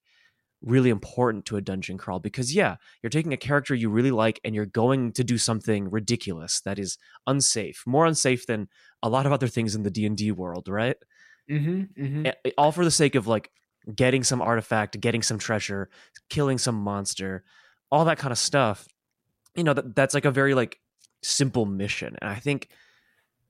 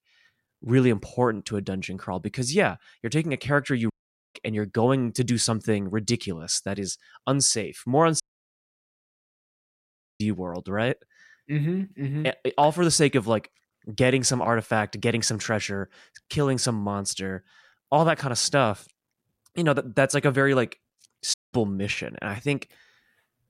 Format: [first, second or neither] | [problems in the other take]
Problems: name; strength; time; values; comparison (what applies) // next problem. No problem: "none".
first | audio cutting out; at 4 s, at 8 s for 2 s and at 21 s